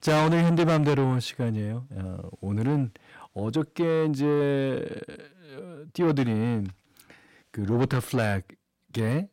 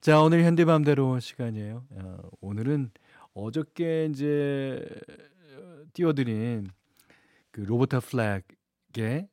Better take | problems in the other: second | distortion; heavy; 7 dB below the speech

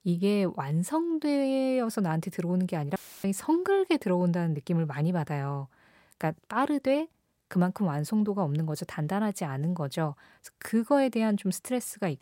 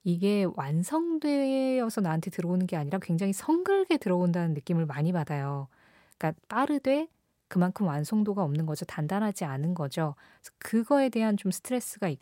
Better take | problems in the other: second | audio cutting out; filled with static; at 3 s

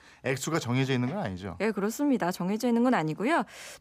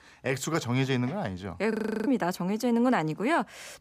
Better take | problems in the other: first | audio freezing; at 1.5 s

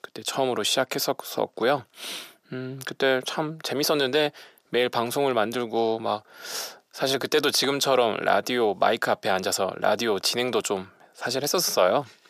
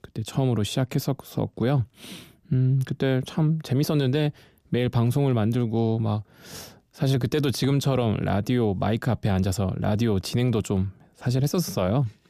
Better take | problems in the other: second | thin; very; fading below 600 Hz

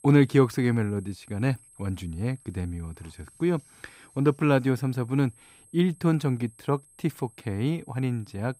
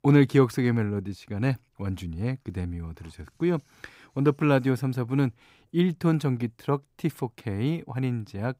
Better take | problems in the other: second | high-pitched whine; faint; throughout; 8.5 kHz, 25 dB below the speech

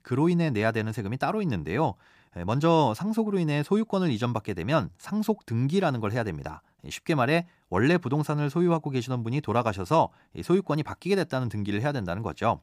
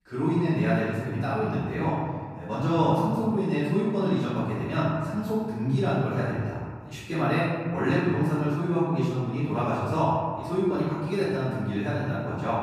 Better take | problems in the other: first | room echo; strong; dies away in 1.6 s // off-mic speech; far

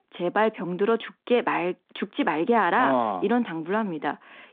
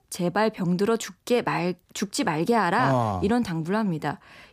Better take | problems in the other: second | phone-call audio

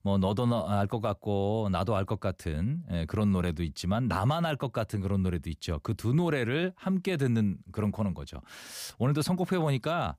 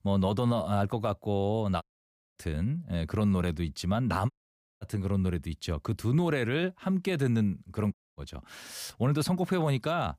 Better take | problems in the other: first | audio cutting out; at 2 s for 0.5 s, at 4.5 s for 0.5 s and at 8 s

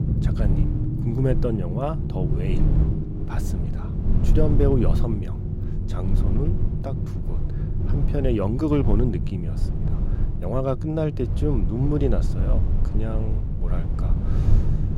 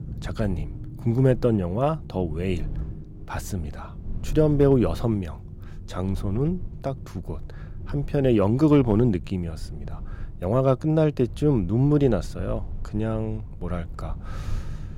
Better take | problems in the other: second | low rumble; loud; throughout; 7 dB below the speech; faint in the second

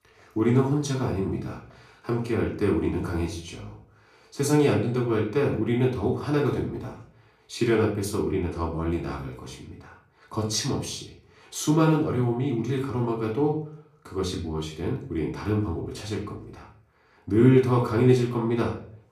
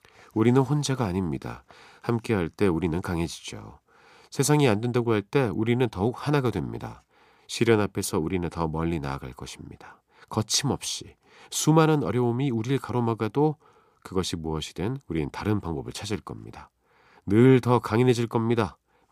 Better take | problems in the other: second | off-mic speech; far // room echo; slight; dies away in 0.4 s

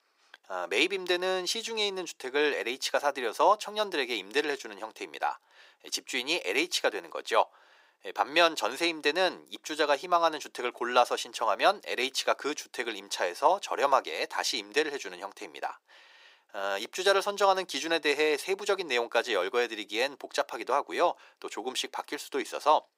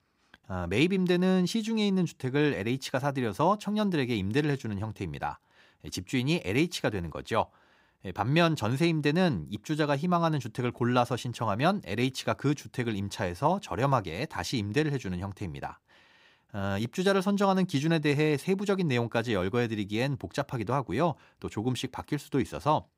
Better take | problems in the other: second | thin; very; fading below 400 Hz

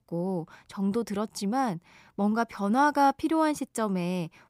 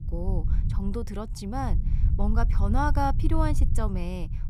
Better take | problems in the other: first | low rumble; noticeable; throughout; 15 dB below the speech

